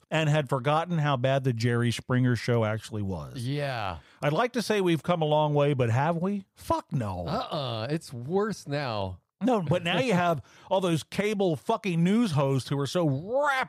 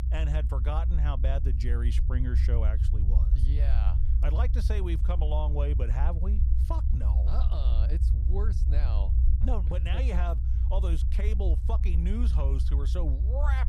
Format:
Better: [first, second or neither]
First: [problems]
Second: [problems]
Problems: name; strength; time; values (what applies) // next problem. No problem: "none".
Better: first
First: none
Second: low rumble; loud; throughout; 6 dB below the speech